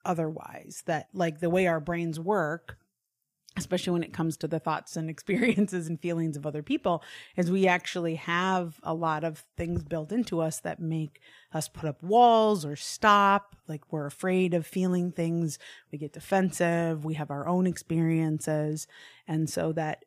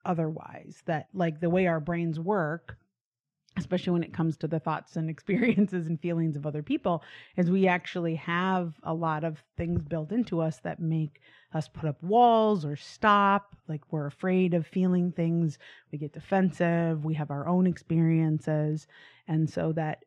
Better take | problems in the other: first | muffled; slightly; fading above 3.5 kHz

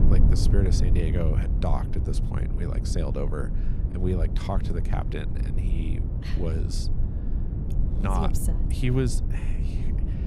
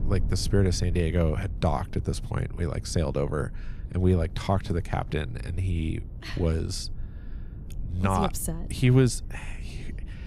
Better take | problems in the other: second | low rumble; loud; throughout; 6 dB below the speech; faint in the second

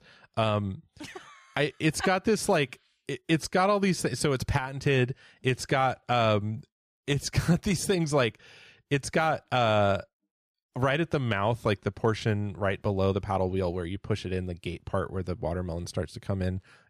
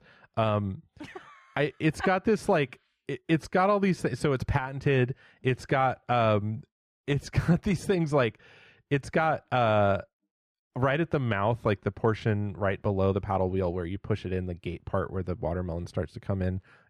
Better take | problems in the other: first | muffled; slightly; fading above 3.5 kHz

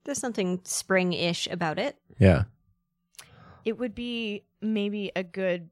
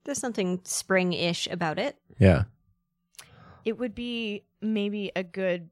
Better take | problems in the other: neither | none

